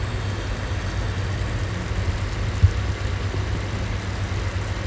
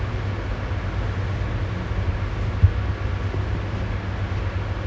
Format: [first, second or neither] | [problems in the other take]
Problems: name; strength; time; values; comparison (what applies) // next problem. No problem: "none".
second | background sound (Liquid); 15 dB below the speech